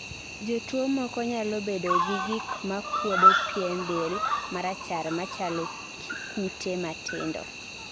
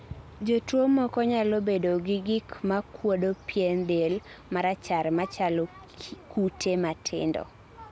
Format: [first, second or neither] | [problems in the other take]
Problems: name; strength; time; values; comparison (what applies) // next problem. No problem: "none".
second | background sound (Cricket); 2 dB above the speech